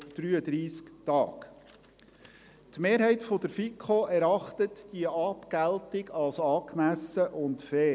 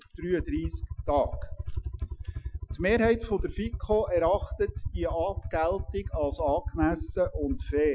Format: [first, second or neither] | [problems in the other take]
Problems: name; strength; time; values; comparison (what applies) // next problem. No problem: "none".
first | noise reduction (classical method Wiener filter)